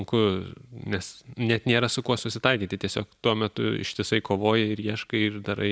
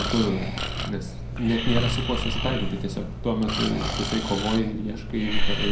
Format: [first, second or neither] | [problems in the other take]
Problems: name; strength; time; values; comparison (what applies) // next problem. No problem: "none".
first | background sound (Breathing); 1 dB above the speech // room echo; dies away in 0.6 s